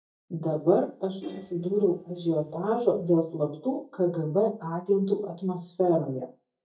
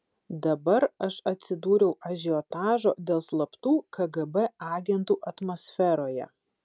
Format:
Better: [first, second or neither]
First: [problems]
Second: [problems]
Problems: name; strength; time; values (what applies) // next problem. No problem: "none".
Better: second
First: noise reduction (neural mask model DeepFilterNet 3)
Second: none